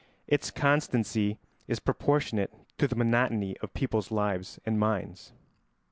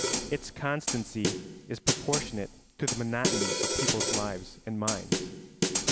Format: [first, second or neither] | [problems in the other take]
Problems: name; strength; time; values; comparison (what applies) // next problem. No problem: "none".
first | background sound (Snare drum); 3 dB above the speech